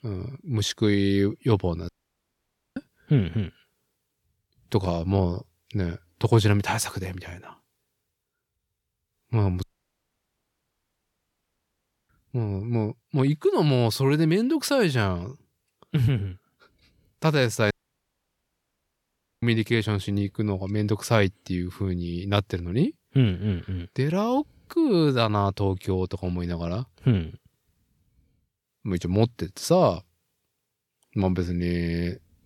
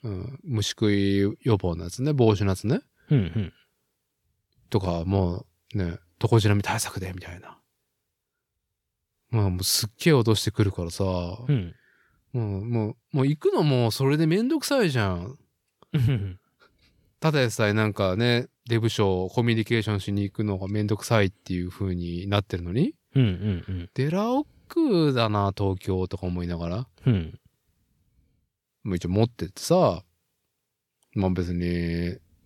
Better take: second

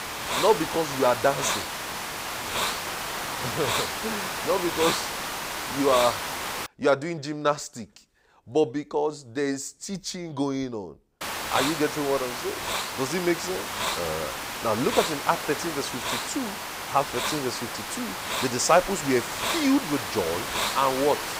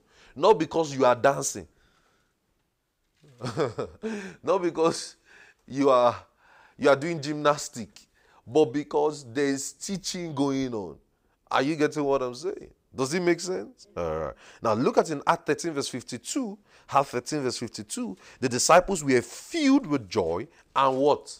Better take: second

